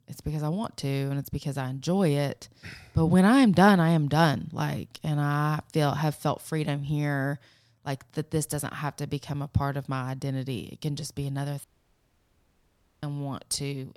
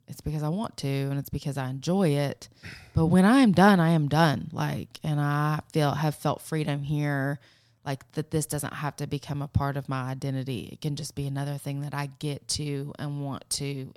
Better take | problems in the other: second | audio cutting out; at 12 s for 1.5 s

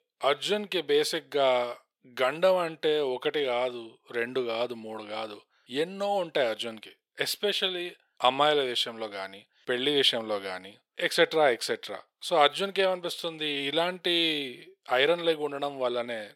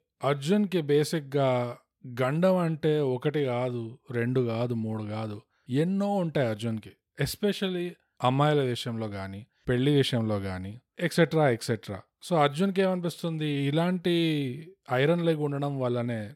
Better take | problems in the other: second | thin; very; fading below 500 Hz

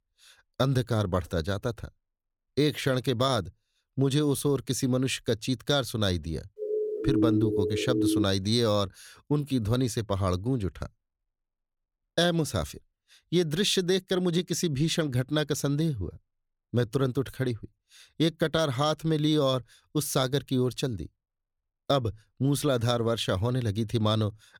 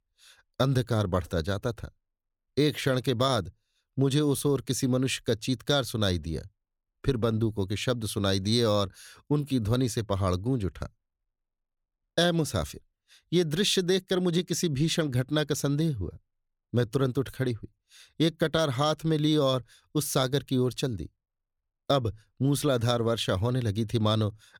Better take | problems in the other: second | siren; loud; from 6.5 to 8 s; peak 2 dB above the speech

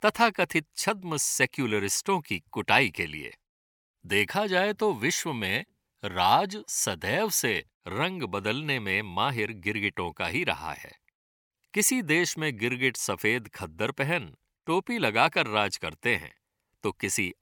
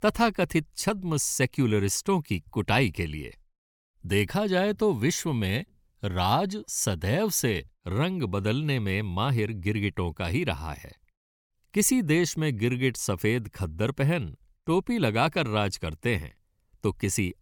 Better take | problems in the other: second | thin; somewhat; fading below 700 Hz

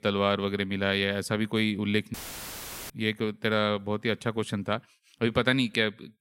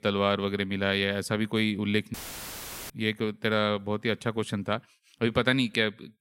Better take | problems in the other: neither | audio cutting out; filled with static; at 2 s for 1 s; the same in both

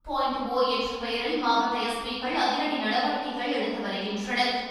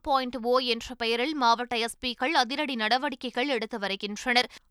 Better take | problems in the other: second | off-mic speech; far // room echo; strong; dies away in 1.5 s

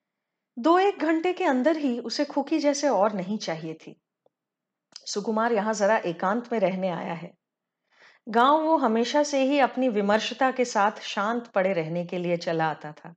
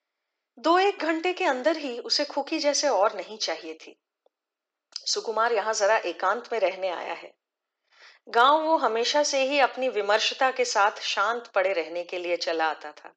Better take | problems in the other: first | thin; somewhat; fading below 350 Hz

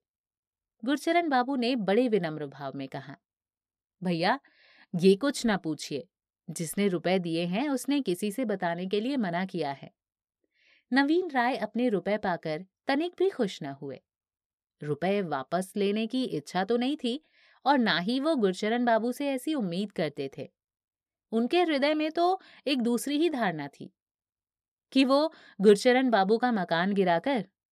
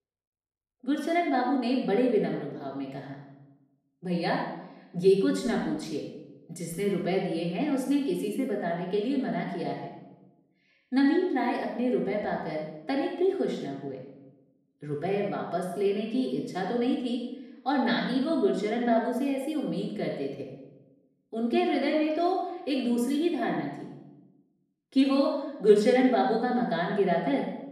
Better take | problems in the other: first | off-mic speech; far // room echo; noticeable; dies away in 0.8 s

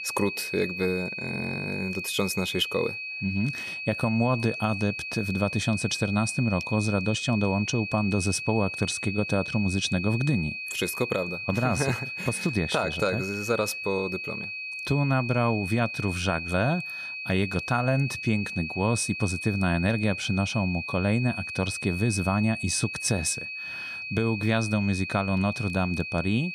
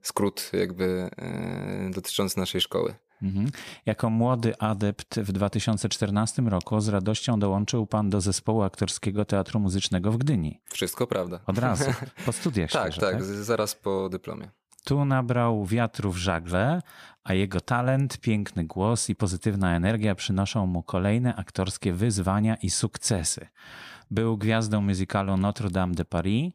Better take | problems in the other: second | high-pitched whine; loud; throughout; 2.5 kHz, 5 dB below the speech

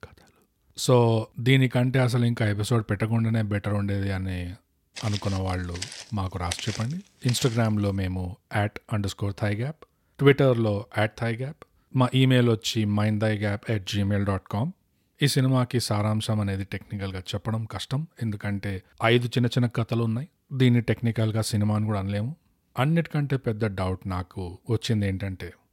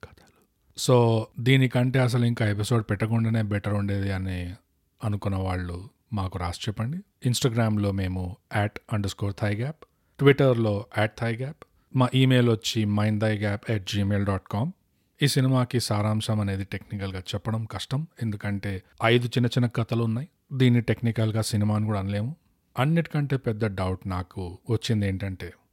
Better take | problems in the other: second | footsteps; noticeable; from 5 to 7.5 s; peak 8 dB below the speech

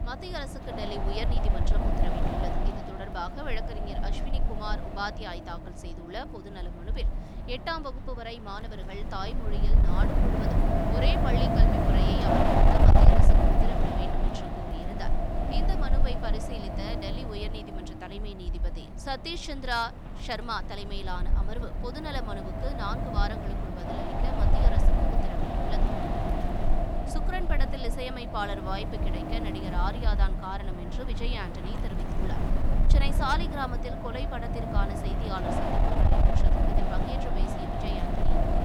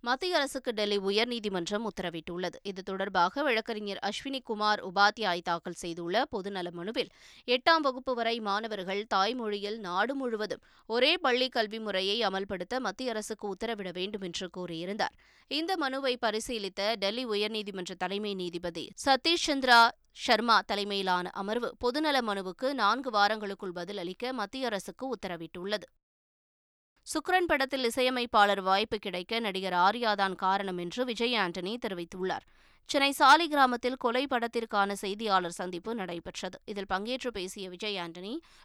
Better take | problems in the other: second | wind noise on the microphone; heavy; 2 dB above the speech

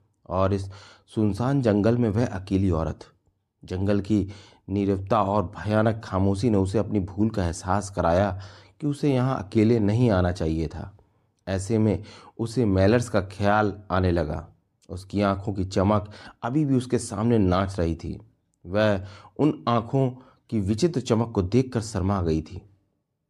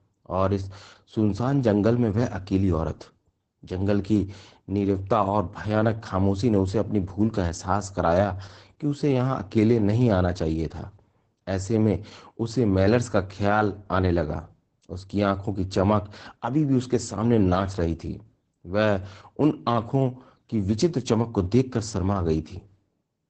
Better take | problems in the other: first | garbled, watery; badly; nothing above 8 kHz

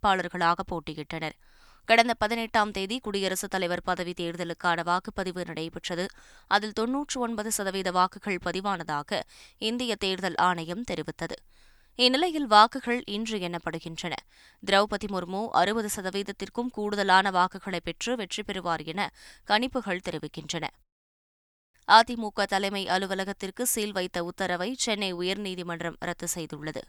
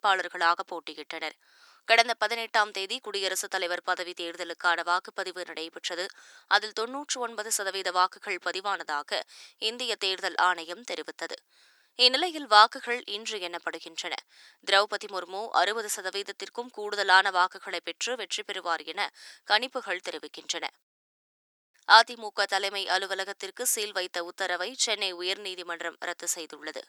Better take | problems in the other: first | thin; very; fading below 350 Hz

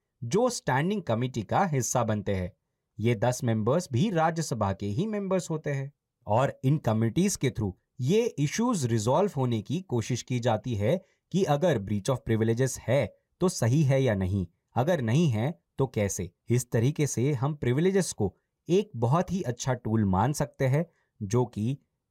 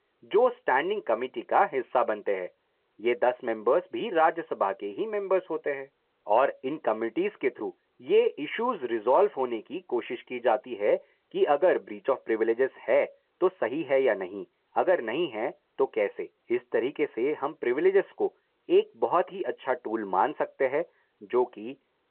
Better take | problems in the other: first | phone-call audio

